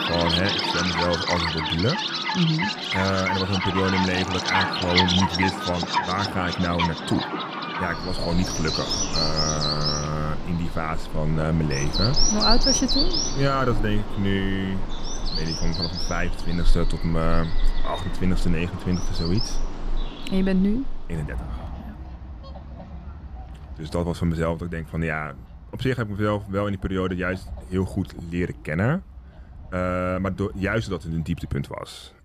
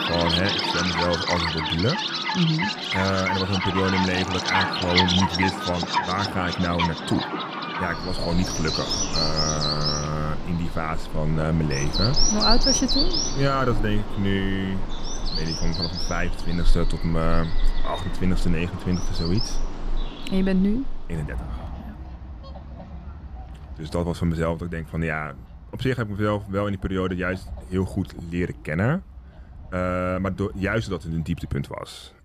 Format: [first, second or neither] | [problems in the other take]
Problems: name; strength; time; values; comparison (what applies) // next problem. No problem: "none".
neither | animal sounds; very loud; throughout; as loud as the speech; the same in both